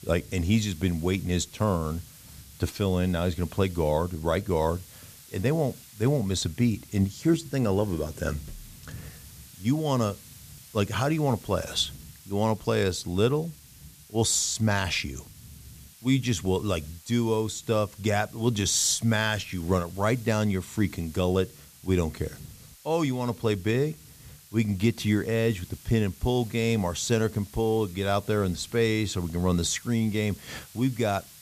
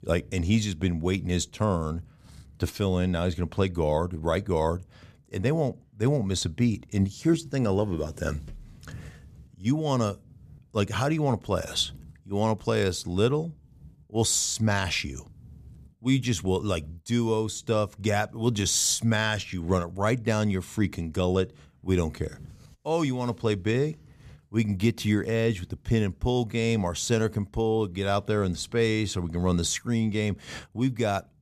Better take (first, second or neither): second